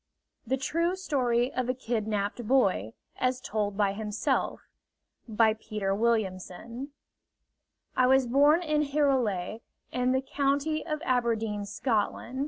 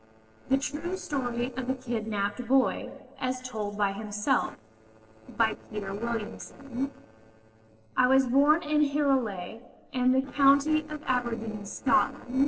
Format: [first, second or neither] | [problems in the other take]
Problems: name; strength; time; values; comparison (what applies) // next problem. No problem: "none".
first | noise reduction (neural separator model SepFormer DNS4)